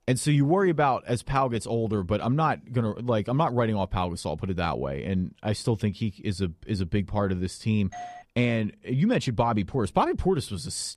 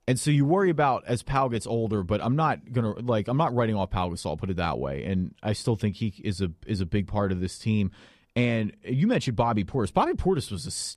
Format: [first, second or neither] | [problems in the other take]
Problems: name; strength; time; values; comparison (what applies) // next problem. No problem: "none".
second | doorbell; faint; at 8 s; peak 15 dB below the speech